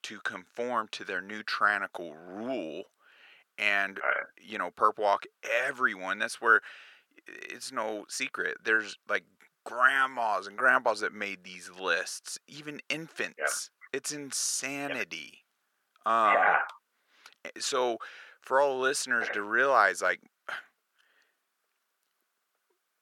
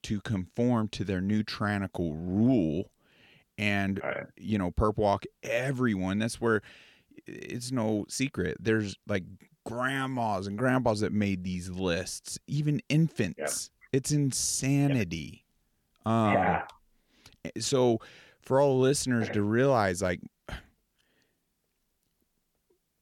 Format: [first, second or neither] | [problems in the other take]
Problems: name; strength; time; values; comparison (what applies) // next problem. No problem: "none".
second | thin; very; fading below 600 Hz